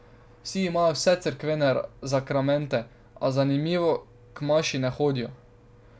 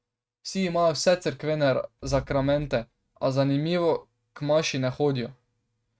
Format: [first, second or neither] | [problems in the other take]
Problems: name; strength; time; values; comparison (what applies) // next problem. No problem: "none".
first | noise reduction (neural mask model RNNoise)